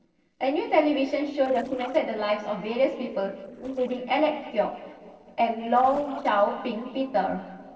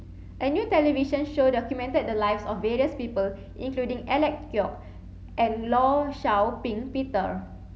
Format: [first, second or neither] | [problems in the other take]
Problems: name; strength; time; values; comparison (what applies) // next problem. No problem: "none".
second | noise reduction (neural separator model SepFormer DNS4)